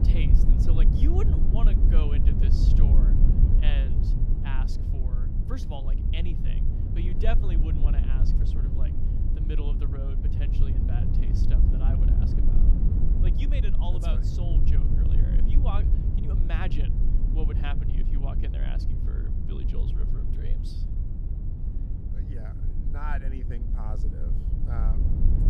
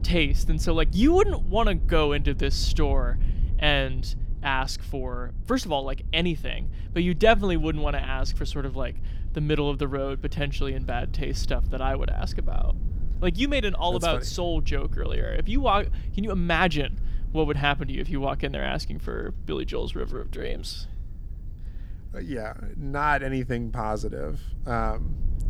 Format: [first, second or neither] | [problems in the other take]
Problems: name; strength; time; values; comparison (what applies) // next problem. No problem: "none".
second | low rumble; loud; throughout; as loud as the speech; faint in the second